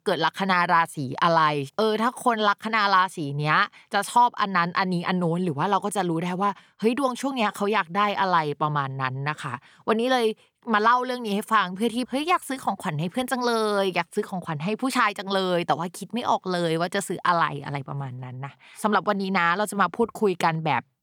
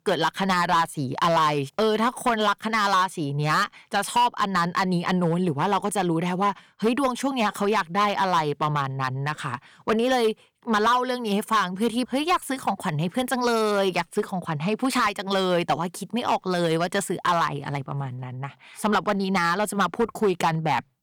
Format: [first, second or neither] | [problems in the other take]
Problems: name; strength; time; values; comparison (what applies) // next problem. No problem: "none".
first | distortion; slight; 5% of the sound clipped